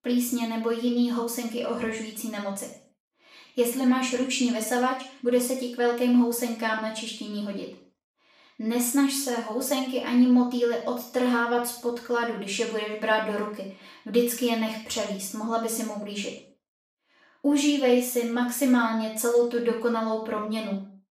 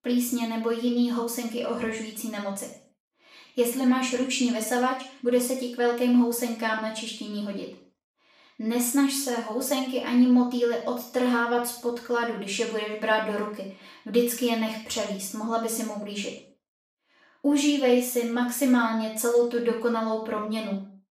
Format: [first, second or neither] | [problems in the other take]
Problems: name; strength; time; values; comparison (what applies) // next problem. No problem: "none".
neither | room echo; noticeable; dies away in 0.5 s; the same in both // off-mic speech; far; the same in both